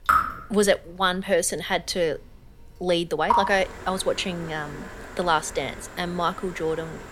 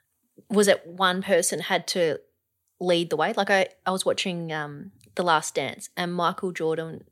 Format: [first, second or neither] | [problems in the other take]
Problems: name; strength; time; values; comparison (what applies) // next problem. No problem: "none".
second | rain or running water; loud; throughout; 5 dB below the speech